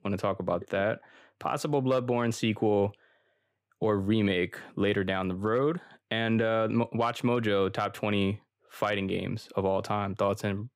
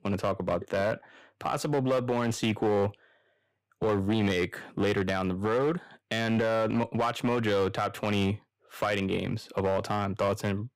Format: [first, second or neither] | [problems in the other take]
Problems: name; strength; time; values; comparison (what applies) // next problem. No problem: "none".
first | distortion; slight; 7% of the sound clipped